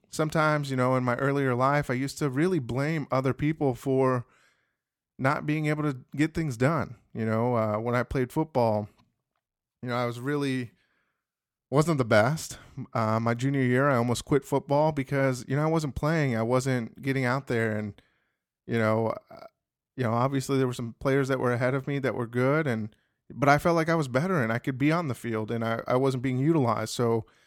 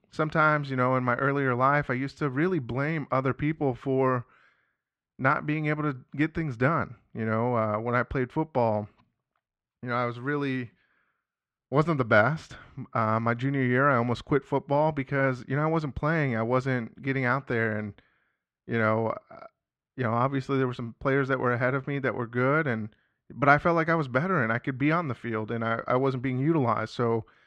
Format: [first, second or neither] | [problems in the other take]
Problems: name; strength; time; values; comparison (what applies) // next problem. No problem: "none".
first | muffled; slightly; fading above 3 kHz